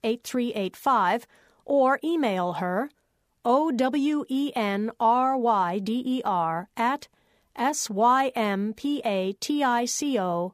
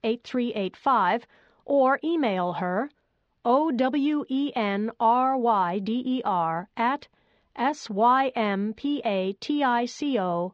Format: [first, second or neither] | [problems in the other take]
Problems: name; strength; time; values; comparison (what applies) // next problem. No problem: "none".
first | muffled; slightly; fading above 4.5 kHz